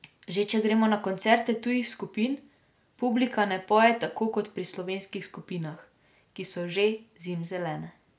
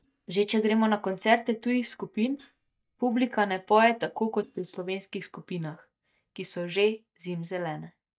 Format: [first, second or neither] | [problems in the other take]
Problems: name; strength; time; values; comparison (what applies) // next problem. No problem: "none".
first | noise reduction (neural mask model DeepFilterNet 3)